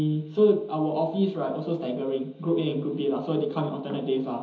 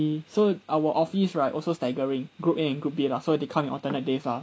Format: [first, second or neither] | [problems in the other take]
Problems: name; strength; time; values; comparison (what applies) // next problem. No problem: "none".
second | room echo; dies away in 1.2 s